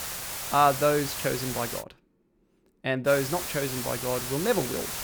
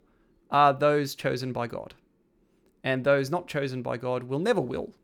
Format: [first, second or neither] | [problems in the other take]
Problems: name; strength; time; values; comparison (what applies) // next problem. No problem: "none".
second | hiss; loud; until 2 s and from 3 s on; 5 dB below the speech